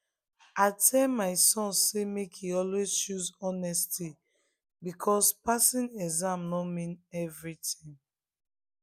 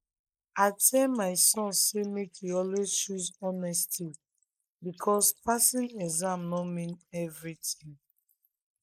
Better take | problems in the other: first | noise reduction (neural mask model Resemble Enhance denoiser)

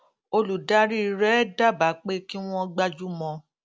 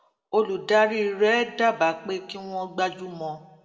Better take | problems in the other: first | room echo; dies away in 1 s

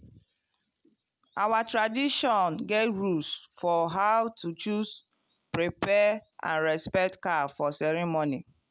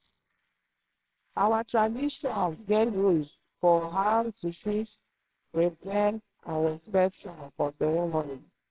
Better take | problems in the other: first | noise reduction (neural separator model SepFormer WHAMR!)

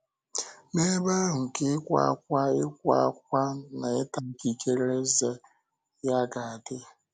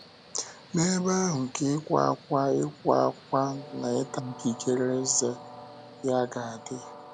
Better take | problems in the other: first | background sound (Train); 18 dB below the speech

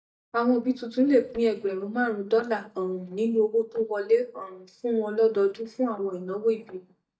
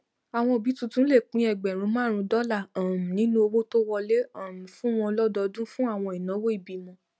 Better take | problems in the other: second | noise reduction (neural mask model DeepFilterNet 3)

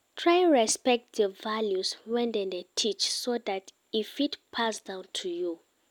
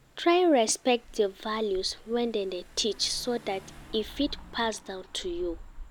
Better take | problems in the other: first | background sound (Engine / Car); 17 dB below the speech

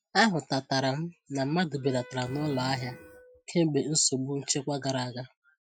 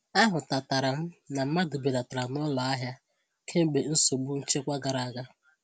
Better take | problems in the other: second | noise reduction (classical method Wiener filter)

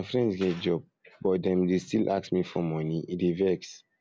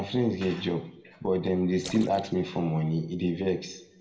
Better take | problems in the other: first | background sound (Splash, splatter); 20 dB below the speech // room echo; dies away in 0.6 s

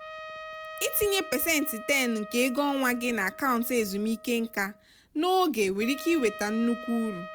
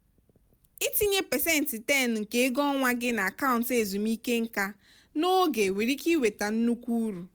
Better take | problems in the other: second | background sound (Trumpet); 15 dB below the speech

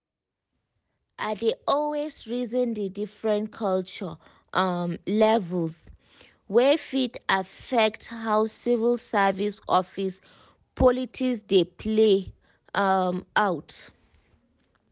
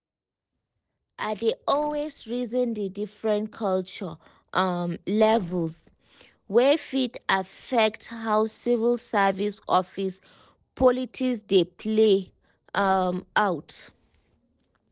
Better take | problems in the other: first | noise reduction (neural separator model SepFormer DNS4)

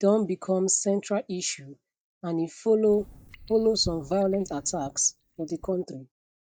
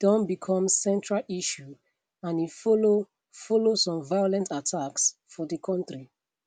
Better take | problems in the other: second | noise reduction (neural mask model DeepFilterNet 3)

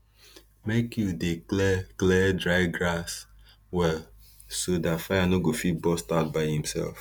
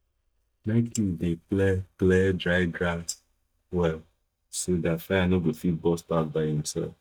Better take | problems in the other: first | noise reduction (neural mask model DeepFilterNet 3)

